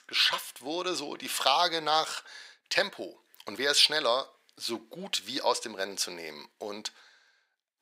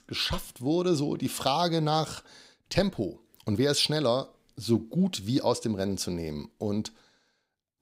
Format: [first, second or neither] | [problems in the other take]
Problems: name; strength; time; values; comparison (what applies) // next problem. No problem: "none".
second | thin; very; fading below 600 Hz